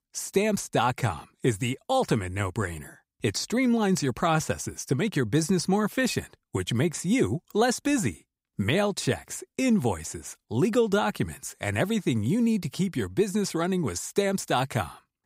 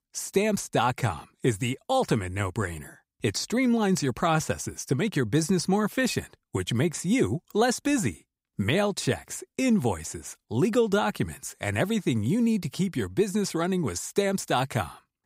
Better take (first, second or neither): neither